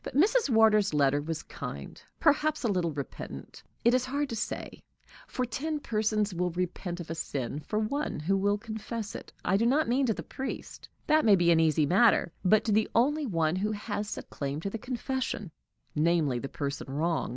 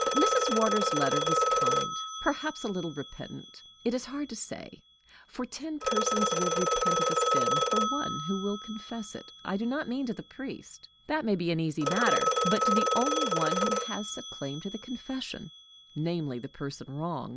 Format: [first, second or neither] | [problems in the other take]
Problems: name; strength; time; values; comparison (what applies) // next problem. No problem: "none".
first | background sound (Telephone); 2 dB above the speech